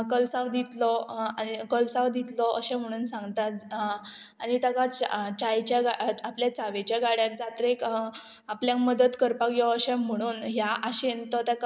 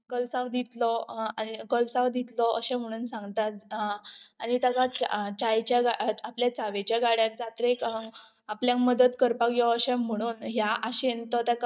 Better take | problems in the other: first | noise reduction (neural mask model DeepFilterNet 3)

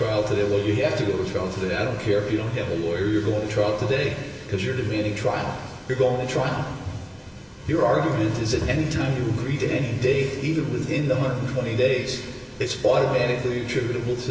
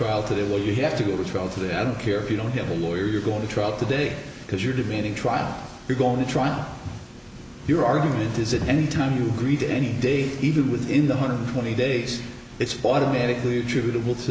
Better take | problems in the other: second | room echo; dies away in 2 s

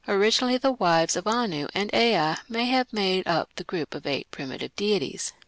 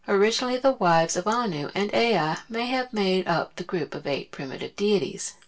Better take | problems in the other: first | room echo; dies away in 0.2 s

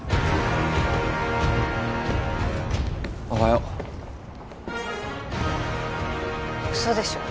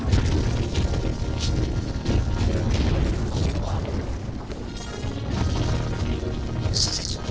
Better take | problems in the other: first | noise reduction (neural separator model SepFormer DNS4)

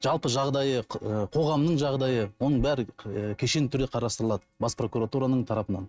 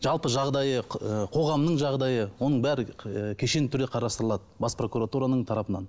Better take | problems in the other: second | noise reduction (neural mask model RNNoise)

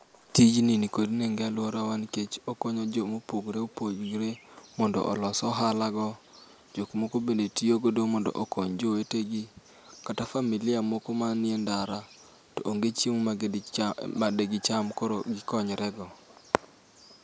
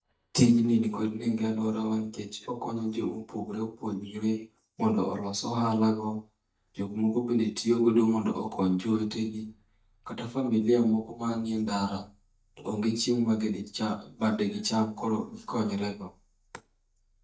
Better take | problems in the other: first | noise reduction (neural mask model DeepFilterNet 3)

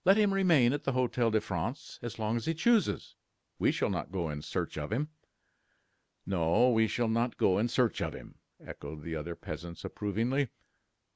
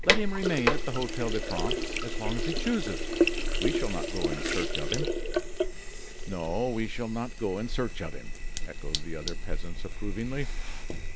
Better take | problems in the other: first | background sound (Sink (filling or washing)); 5 dB above the speech

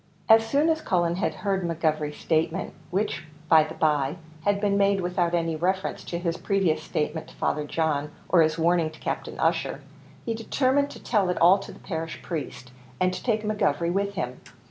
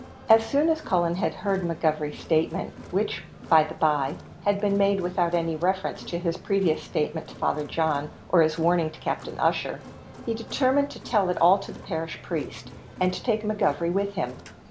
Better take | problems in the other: first | background sound (Crowd); 20 dB below the speech

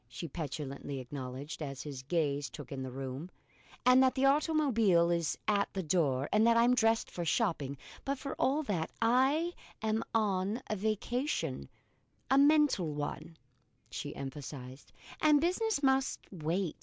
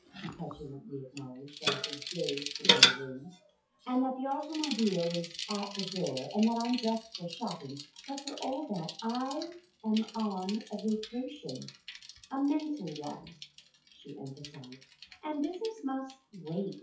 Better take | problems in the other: first | noise reduction (classical method WPE with log-MMSE)

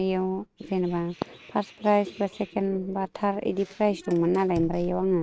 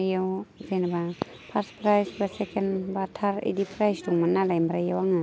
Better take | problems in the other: second | noise reduction (neural mask model RNNoise)

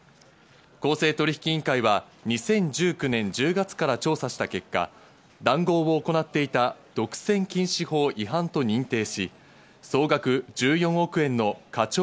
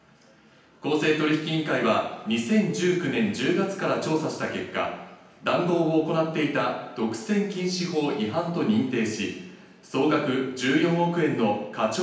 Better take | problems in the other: first | room echo; dies away in 0.9 s

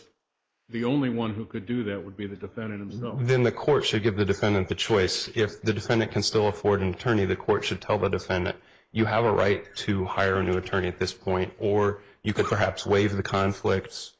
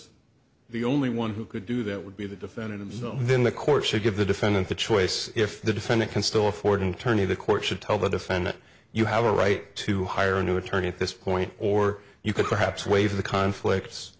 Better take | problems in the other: second | noise reduction (neural mask model Resemble Enhance denoiser)

